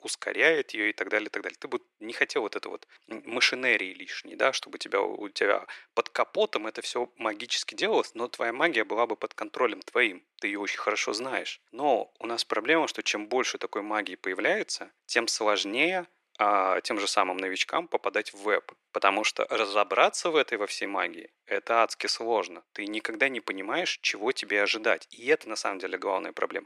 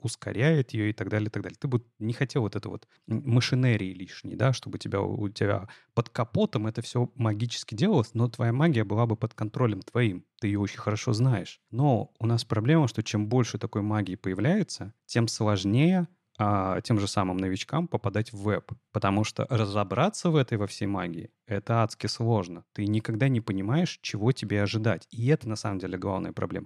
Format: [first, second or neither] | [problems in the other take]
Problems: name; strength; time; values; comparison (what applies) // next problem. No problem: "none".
second | thin; very; fading below 400 Hz